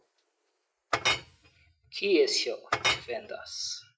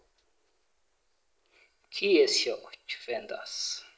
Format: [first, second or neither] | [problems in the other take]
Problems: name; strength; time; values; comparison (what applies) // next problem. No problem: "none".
second | noise reduction (classical method Wiener filter)